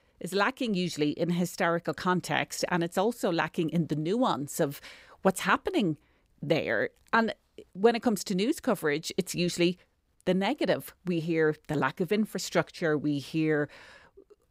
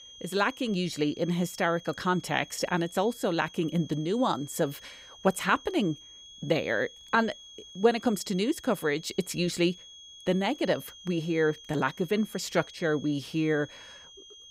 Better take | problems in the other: first | high-pitched whine; noticeable; throughout; 3.5 kHz, 20 dB below the speech

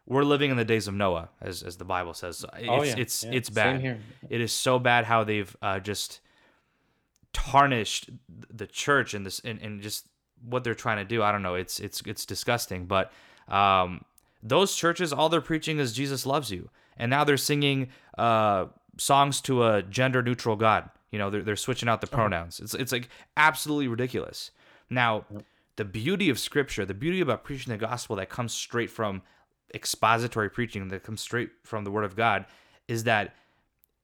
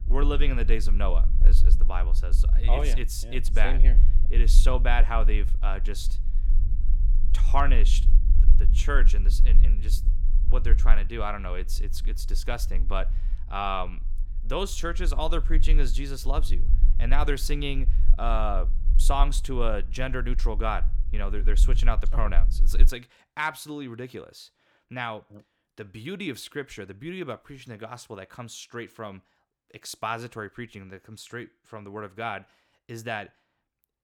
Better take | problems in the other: first | low rumble; noticeable; until 23 s; 15 dB below the speech

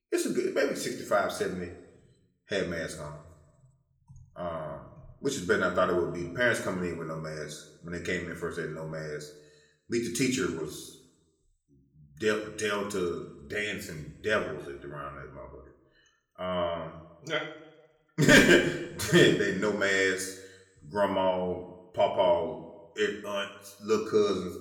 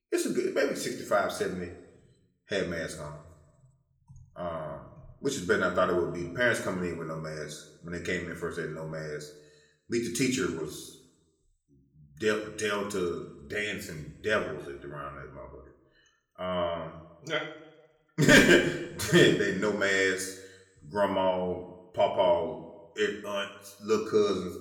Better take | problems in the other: neither | room echo; slight; dies away in 0.7 s; the same in both // off-mic speech; somewhat distant; the same in both

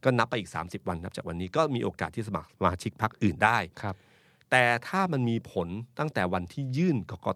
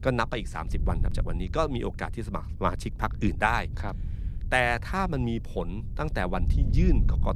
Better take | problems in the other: first | wind noise on the microphone; occasional gusts; 20 dB below the speech

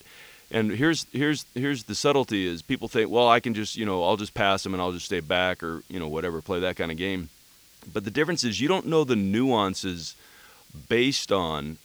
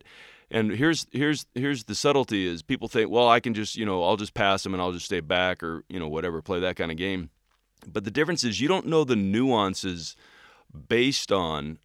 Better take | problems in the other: second | hiss; faint; throughout; 25 dB below the speech

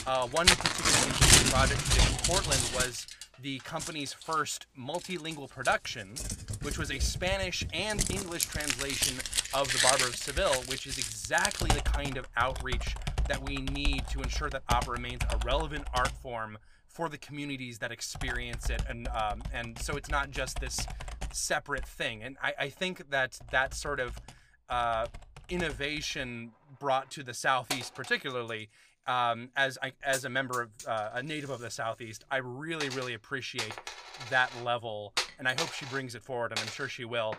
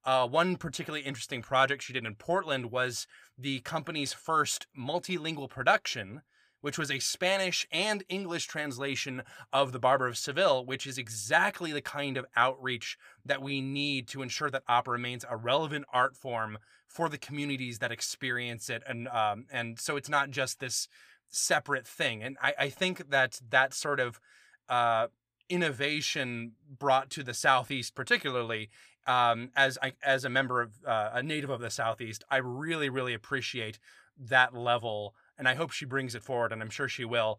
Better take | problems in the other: second | household noises; very loud; throughout; 3 dB above the speech

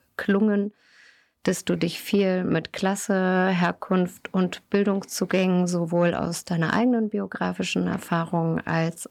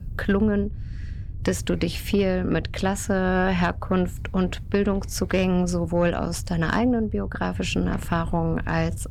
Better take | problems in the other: first | wind noise on the microphone; occasional gusts; 25 dB below the speech

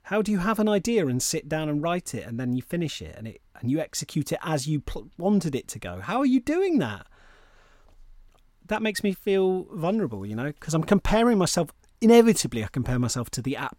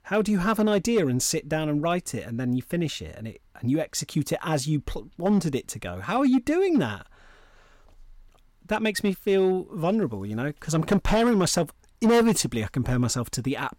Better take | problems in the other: first | distortion; slight; 3% of the sound clipped

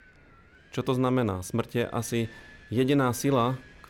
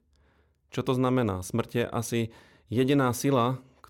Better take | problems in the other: second | wind noise on the microphone; occasional gusts; 20 dB below the speech

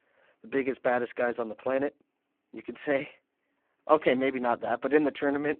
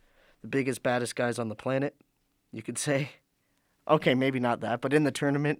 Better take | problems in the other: second | phone-call audio; poor line

